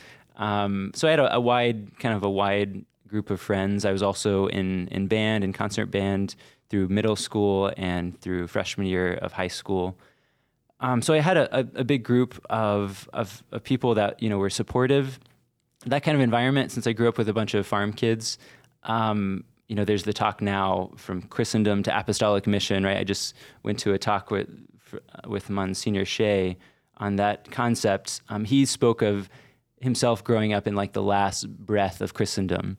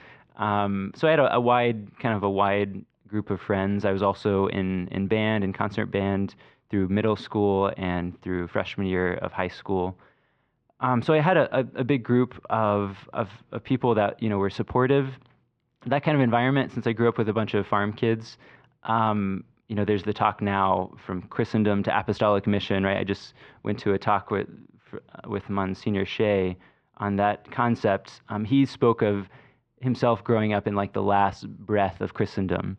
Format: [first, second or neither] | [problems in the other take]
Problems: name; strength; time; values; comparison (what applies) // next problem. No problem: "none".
first | muffled; very; fading above 3 kHz